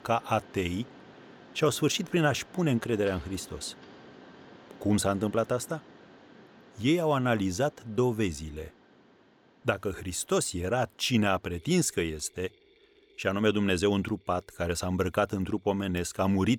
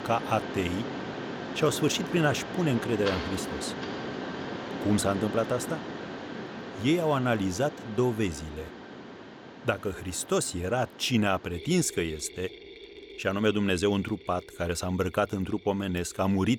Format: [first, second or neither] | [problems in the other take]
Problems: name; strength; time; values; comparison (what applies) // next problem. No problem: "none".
first | machinery noise; loud; throughout; 9 dB below the speech; faint in the first